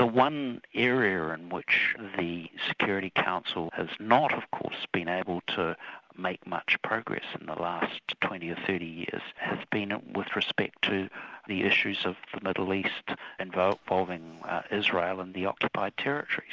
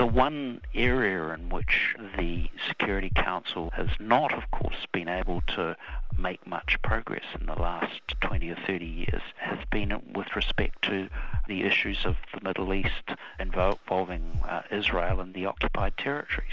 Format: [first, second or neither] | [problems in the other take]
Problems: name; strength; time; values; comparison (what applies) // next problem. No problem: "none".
first | background sound (Breathing); as loud as the speech